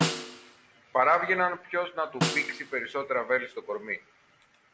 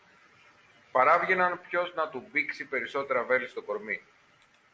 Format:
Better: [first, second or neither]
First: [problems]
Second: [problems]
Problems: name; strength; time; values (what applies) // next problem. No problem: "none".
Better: second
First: background sound (Snare drum); 5 dB below the speech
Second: none